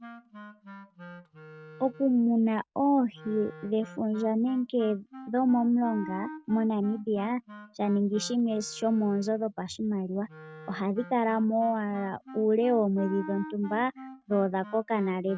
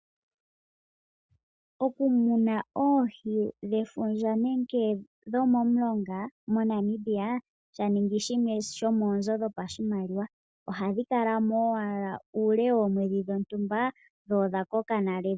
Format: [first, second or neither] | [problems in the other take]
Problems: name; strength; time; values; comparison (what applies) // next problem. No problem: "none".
second | noise reduction (neural mask model RNNoise)